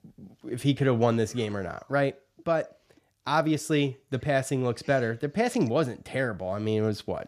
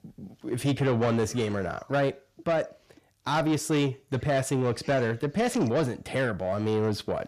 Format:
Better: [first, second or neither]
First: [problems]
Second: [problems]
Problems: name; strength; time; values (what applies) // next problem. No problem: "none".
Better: first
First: none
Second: distortion; slight; 10 dB below the speech